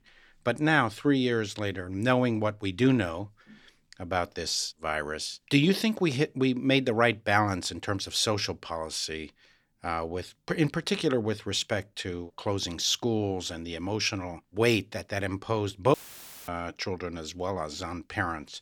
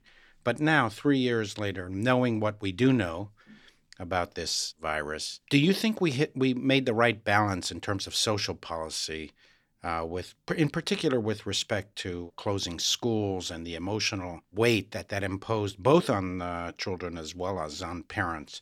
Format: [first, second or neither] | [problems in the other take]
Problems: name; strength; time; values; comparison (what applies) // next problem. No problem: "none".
second | audio cutting out; filled with static; at 16 s for 0.5 s